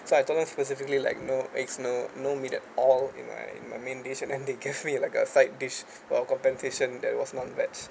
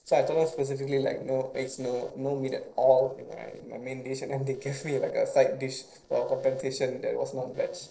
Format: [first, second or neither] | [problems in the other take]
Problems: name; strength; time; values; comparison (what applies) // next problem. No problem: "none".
first | noise reduction (neural separator model SepFormer DNS4)